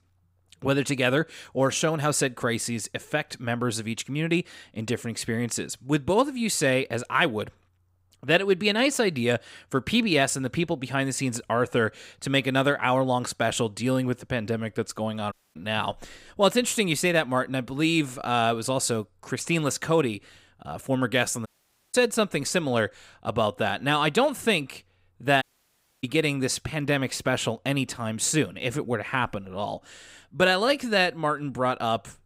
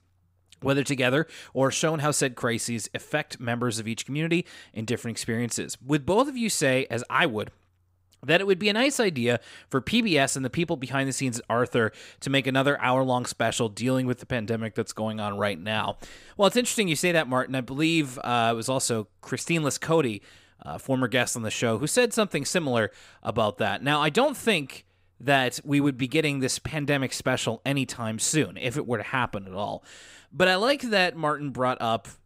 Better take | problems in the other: second | audio cutting out; at 15 s, at 21 s and at 25 s for 0.5 s

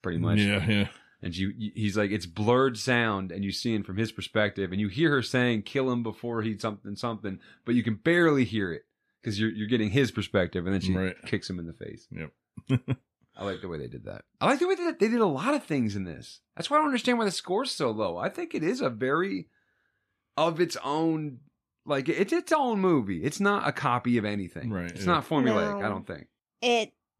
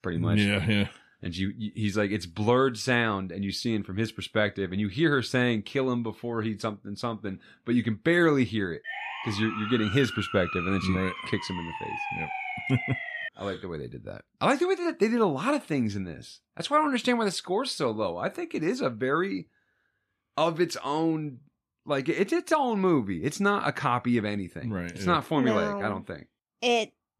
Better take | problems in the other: first | siren; noticeable; from 9 to 13 s; peak 5 dB below the speech

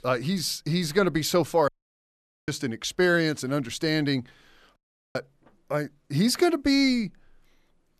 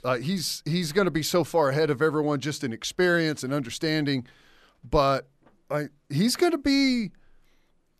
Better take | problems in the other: second | audio cutting out; at 1.5 s for 1 s and at 5 s

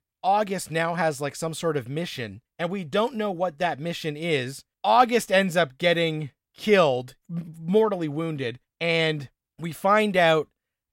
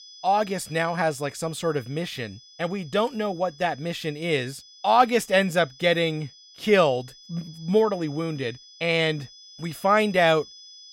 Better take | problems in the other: first | high-pitched whine; faint; throughout; 5 kHz, 20 dB below the speech

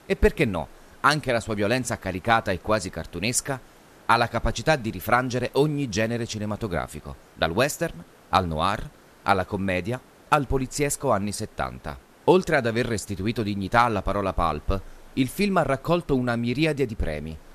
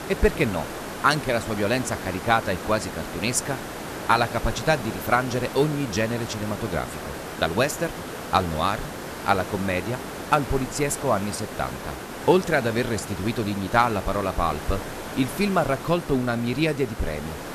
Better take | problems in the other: first | hiss; loud; throughout; 9 dB below the speech; faint in the first

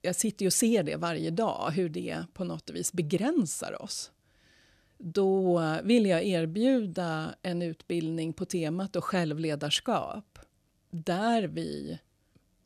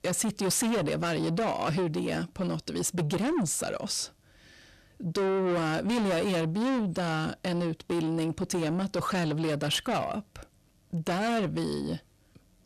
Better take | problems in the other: first | distortion; heavy; 6 dB below the speech

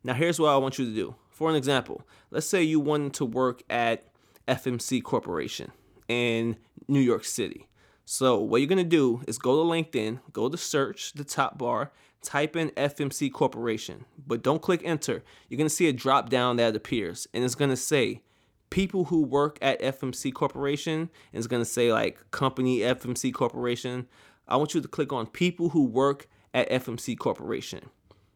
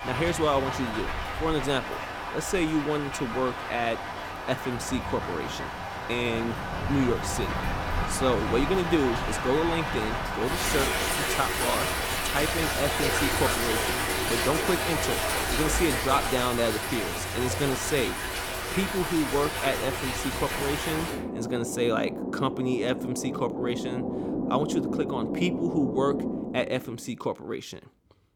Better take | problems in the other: first | rain or running water; loud; throughout; as loud as the speech

